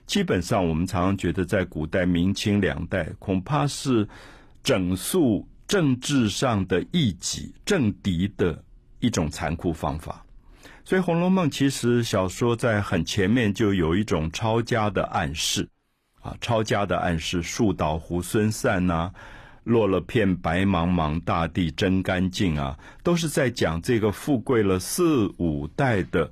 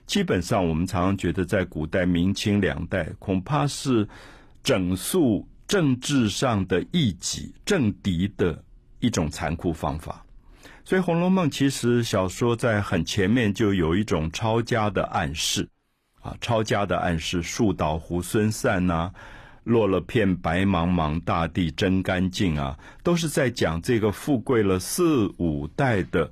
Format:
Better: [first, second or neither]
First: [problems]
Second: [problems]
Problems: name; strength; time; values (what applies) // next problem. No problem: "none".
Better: neither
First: none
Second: none